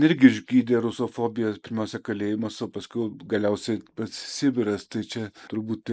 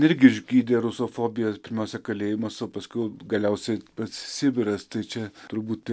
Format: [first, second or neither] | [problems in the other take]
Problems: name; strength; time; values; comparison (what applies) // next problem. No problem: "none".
second | noise reduction (neural mask model Resemble Enhance denoiser)